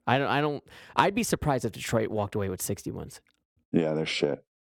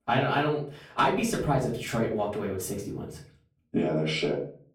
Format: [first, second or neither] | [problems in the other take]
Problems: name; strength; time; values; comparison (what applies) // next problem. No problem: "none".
first | off-mic speech; far // room echo; slight; dies away in 0.4 s